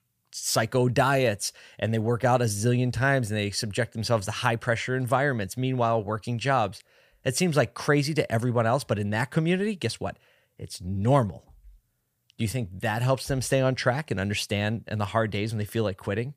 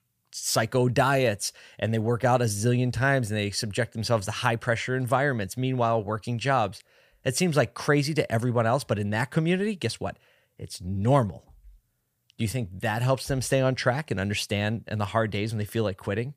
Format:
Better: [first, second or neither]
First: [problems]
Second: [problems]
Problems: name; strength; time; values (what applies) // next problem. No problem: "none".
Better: neither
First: none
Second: none